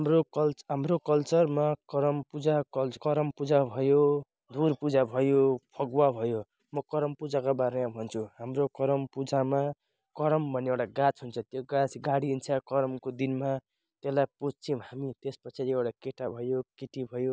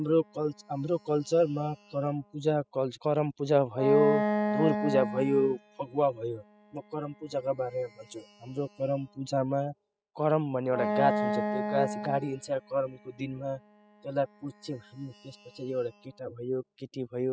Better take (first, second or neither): first